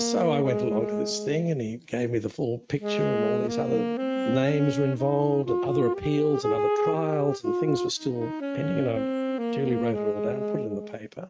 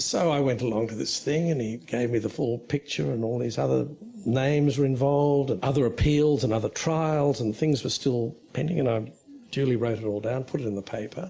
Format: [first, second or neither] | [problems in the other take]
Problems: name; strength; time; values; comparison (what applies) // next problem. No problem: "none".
second | noise reduction (neural mask model RNNoise)